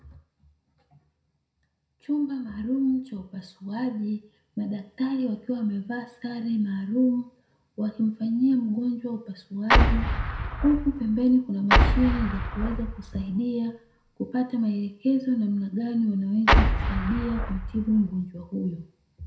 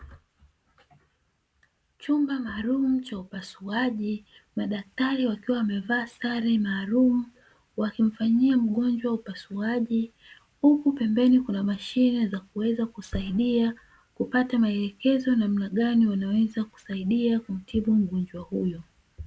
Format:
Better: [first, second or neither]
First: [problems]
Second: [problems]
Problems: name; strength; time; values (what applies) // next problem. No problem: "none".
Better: second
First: background sound (Explosion); 4 dB above the speech // room echo; dies away in 0.4 s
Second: none